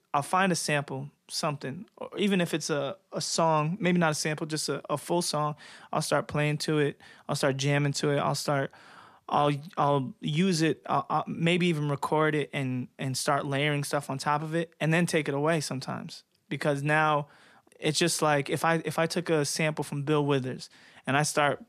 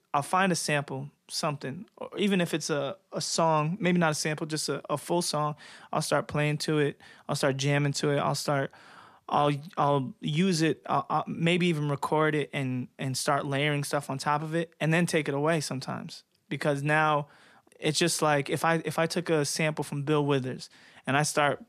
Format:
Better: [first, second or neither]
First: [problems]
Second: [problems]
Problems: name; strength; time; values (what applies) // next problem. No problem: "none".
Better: neither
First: none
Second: none